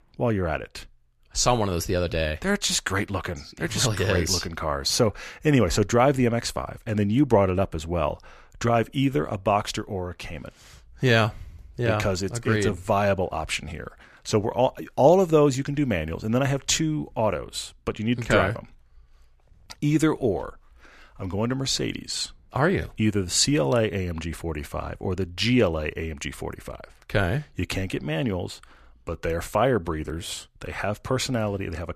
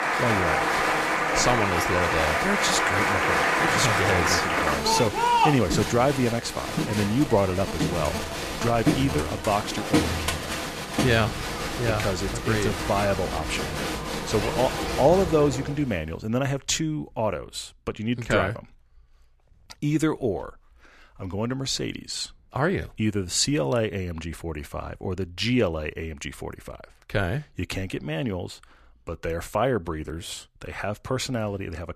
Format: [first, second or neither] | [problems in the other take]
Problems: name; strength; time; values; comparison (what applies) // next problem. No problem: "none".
first | crowd noise; very loud; until 16 s; 1 dB above the speech